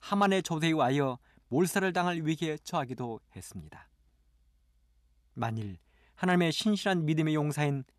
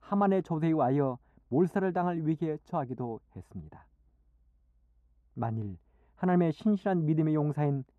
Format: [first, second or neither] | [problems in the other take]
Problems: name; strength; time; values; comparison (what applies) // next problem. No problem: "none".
first | muffled; very; fading above 2 kHz